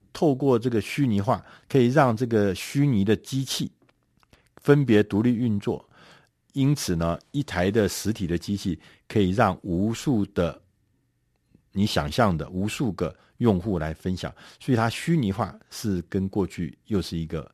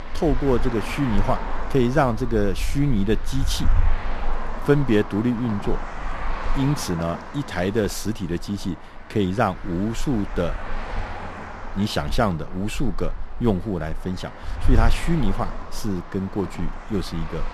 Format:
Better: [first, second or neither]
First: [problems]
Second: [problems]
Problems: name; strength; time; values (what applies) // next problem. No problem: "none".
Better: first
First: none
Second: traffic noise; loud; throughout; 7 dB below the speech